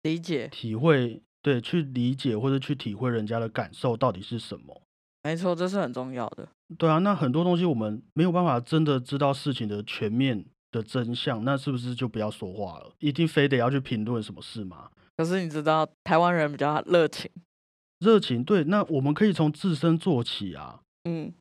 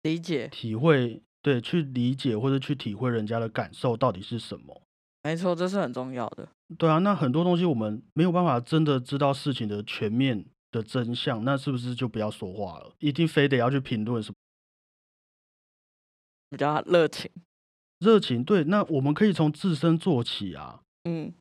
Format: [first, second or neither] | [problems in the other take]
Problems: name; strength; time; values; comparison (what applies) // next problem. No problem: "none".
first | audio cutting out; at 14 s for 2 s